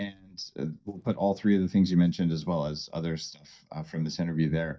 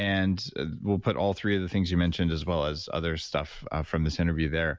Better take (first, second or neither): second